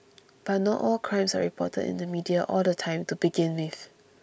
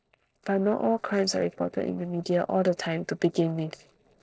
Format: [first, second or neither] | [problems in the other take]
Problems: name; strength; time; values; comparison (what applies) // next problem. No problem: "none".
first | noise reduction (neural separator model SepFormer DNS4)